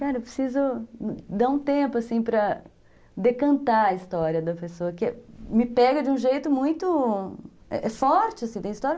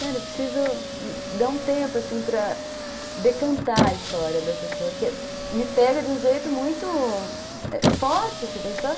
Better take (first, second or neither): first